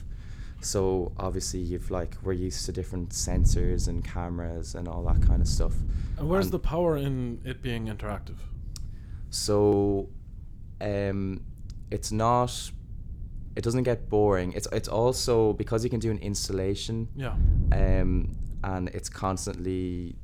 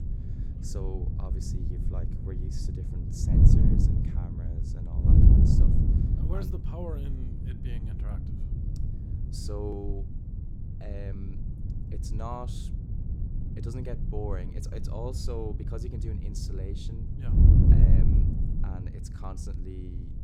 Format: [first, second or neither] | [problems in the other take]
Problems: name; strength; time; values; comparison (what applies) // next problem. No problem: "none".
first | wind noise on the microphone; heavy; 2 dB above the speech; occasional gusts in the first